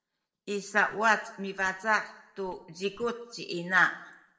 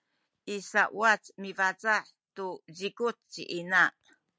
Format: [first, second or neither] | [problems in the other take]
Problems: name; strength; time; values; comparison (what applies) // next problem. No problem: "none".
second | noise reduction (neural separator model SepFormer DNS4)